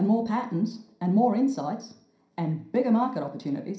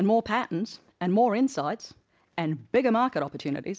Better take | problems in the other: second | room echo; dies away in 0.5 s

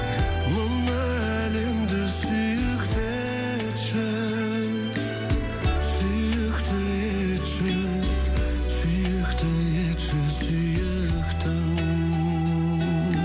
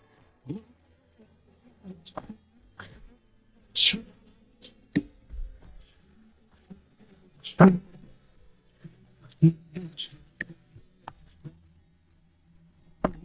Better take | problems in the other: first | noise reduction (neural mask model DeepFilterNet 3)

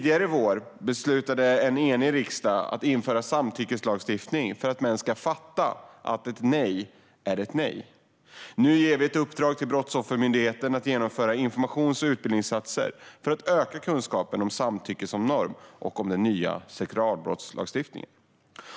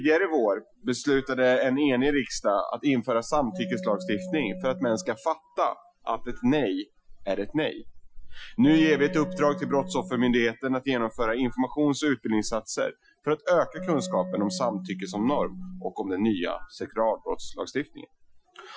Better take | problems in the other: first | noise reduction (classical method Wiener filter)

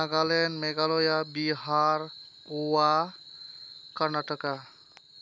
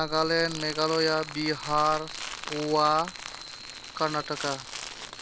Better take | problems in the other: first | background sound (Crumpling, crinkling); 11 dB below the speech

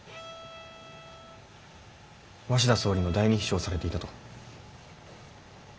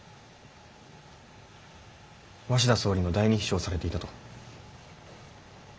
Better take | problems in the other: second | background sound (Bowed string instrument); 17 dB below the speech

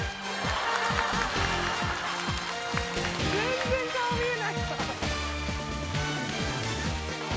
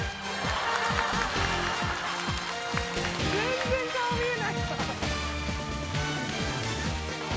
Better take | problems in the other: first | background sound (Bass guitar); 18 dB below the speech

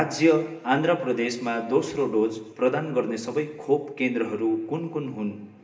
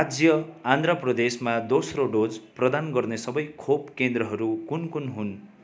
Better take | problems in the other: second | room echo; dies away in 1 s

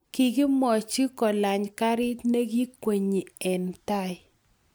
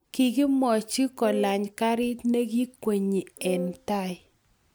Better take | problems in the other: first | background sound (Wind instrument, woodwind instrument); 10 dB below the speech

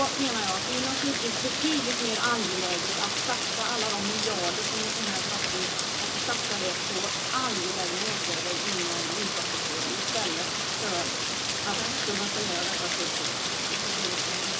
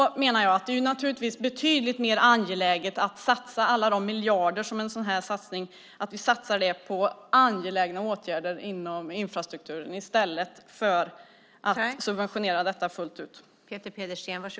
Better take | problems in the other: second | background sound (Rain); 5 dB above the speech // room echo; dies away in 0.2 s

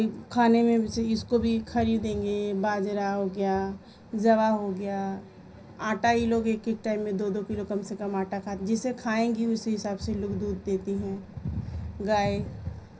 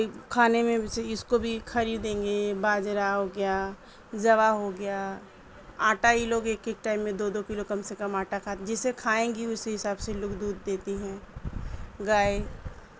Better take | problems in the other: second | room echo; dies away in 0.5 s

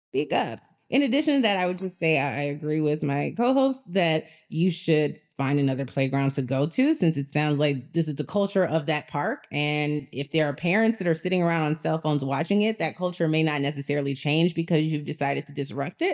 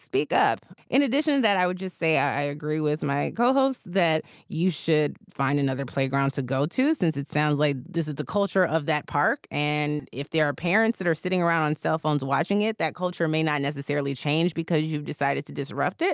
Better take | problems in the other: second | noise reduction (neural mask model DeepFilterNet 3)

